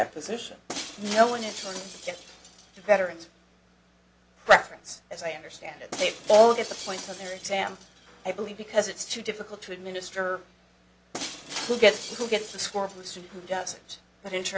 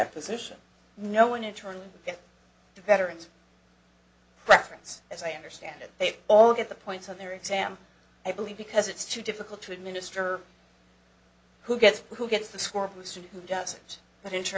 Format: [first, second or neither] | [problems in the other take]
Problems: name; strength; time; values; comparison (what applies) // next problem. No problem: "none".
second | background sound (Shatter); 14 dB below the speech